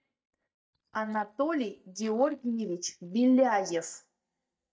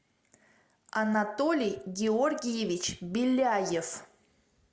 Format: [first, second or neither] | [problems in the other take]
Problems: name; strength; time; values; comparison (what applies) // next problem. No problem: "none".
second | noise reduction (neural mask model DeepFilterNet 3)